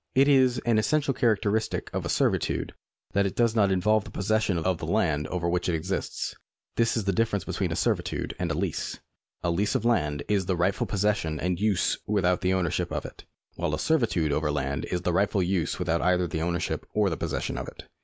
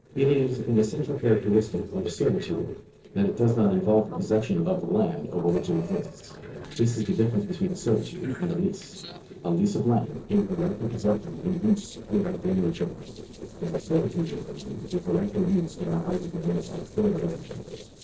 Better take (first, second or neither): first